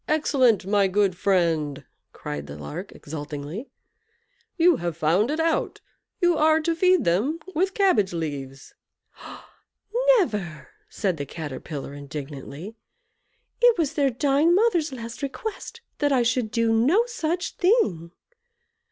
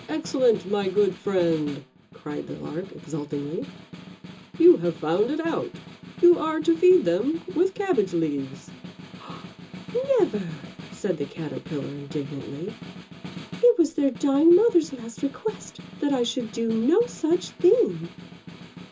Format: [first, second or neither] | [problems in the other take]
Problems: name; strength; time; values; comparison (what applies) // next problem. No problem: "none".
first | background sound (Snare drum); 17 dB below the speech // room echo; dies away in 0.2 s